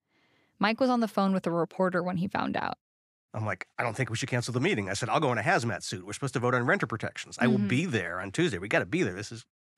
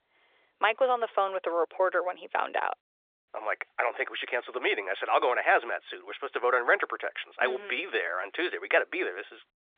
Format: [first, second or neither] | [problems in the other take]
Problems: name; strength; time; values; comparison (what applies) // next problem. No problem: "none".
first | phone-call audio